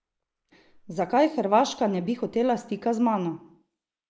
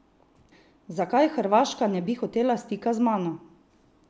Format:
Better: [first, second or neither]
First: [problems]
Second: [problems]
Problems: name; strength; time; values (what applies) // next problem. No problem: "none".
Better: second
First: noise reduction (neural mask model Resemble Enhance denoiser)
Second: none